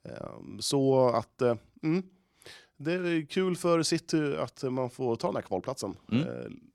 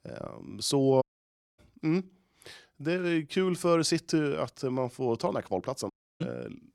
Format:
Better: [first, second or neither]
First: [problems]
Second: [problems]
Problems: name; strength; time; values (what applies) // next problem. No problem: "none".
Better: first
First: none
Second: audio cutting out; at 1 s for 0.5 s and at 6 s